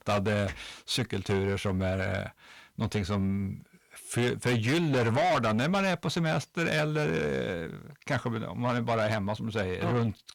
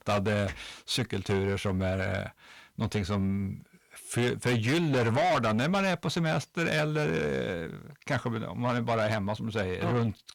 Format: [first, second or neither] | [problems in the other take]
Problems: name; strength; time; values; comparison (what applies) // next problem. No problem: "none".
neither | distortion; heavy; 7 dB below the speech; the same in both